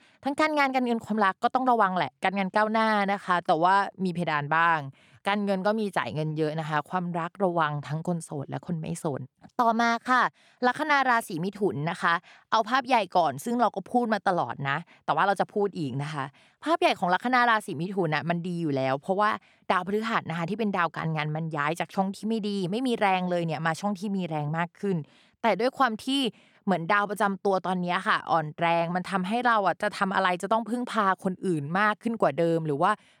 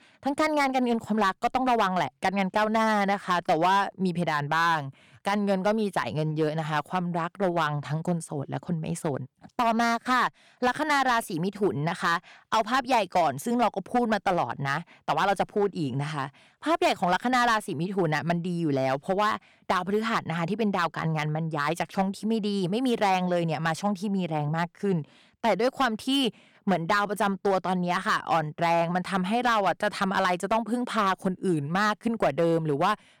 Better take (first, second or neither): first